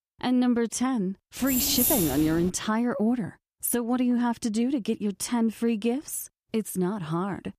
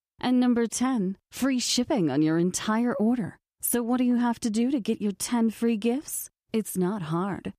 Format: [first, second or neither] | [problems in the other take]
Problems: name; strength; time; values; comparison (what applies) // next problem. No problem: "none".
second | jangling keys; loud; from 1.5 to 2.5 s; peak 4 dB above the speech